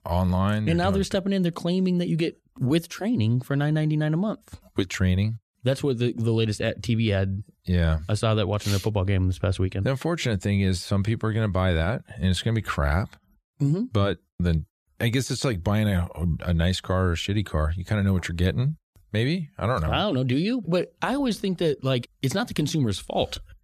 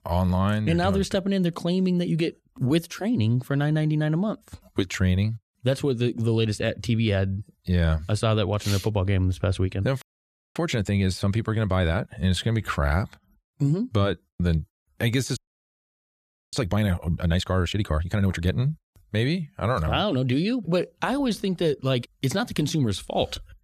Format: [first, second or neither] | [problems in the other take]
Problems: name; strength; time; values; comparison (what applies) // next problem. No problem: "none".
first | audio freezing; at 10 s for 0.5 s and at 15 s for 1 s